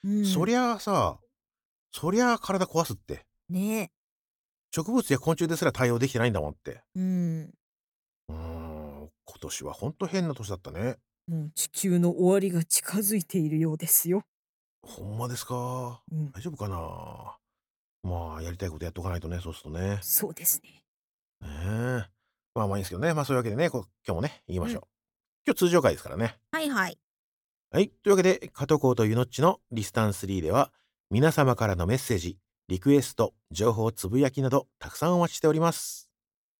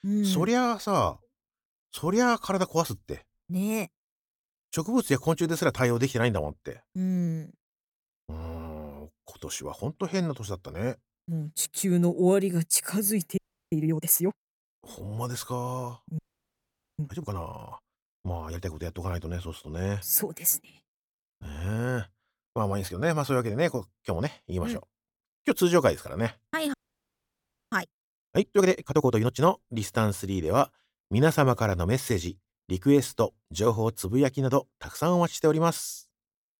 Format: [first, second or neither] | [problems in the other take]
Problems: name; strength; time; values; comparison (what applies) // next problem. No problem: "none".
first | audio freezing; at 13 s, at 16 s for 1 s and at 27 s for 1 s